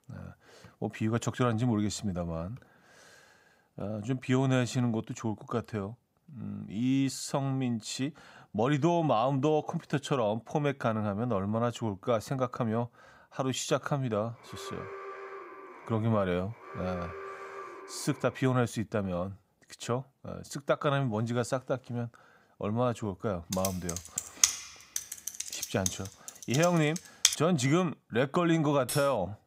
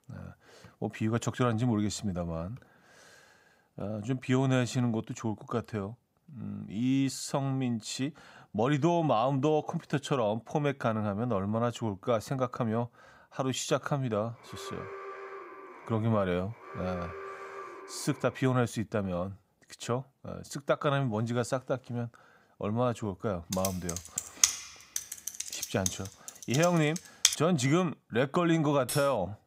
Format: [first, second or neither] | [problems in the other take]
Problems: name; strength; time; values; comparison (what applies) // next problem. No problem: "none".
neither | alarm; faint; from 14 to 18 s; peak 10 dB below the speech; the same in both // keyboard typing; loud; from 24 to 27 s; peak 5 dB above the speech; the same in both // clattering dishes; noticeable; at 29 s; peak 6 dB below the speech; the same in both